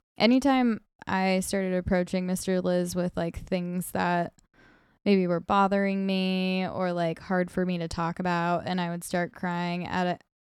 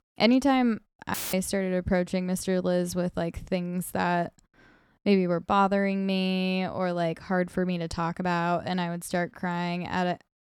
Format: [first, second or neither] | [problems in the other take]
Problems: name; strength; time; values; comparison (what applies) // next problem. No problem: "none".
first | audio cutting out; filled with static; at 1 s